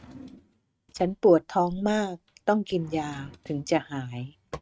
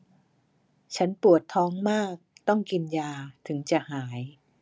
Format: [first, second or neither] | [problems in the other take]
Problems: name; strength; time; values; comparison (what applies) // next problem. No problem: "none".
second | noise reduction (neural mask model RNNoise)